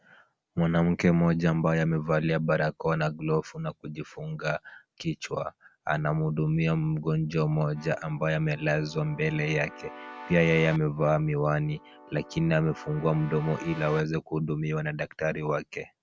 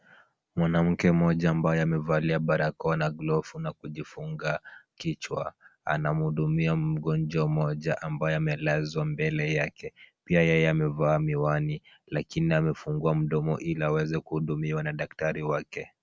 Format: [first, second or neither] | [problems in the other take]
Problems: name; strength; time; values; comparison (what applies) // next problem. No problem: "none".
second | background sound (Keyboard (musical)); 17 dB below the speech